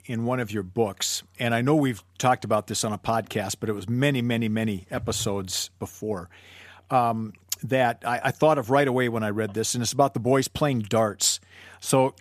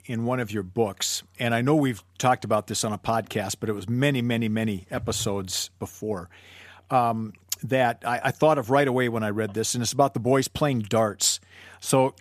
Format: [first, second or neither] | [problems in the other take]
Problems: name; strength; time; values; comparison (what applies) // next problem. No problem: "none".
neither | none